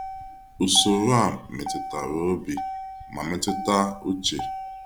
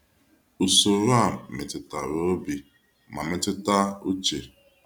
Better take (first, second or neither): second